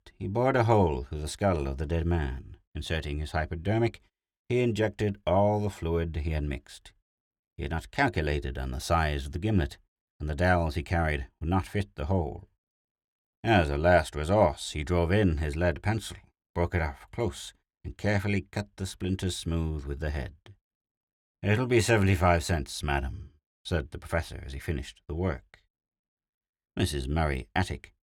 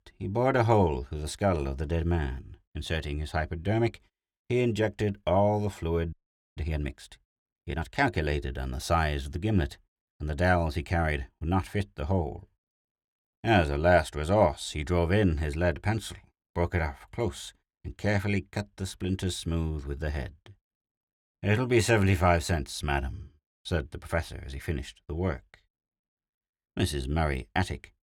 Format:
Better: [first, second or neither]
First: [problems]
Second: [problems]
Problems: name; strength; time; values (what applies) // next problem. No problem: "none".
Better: first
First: none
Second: audio freezing; at 6 s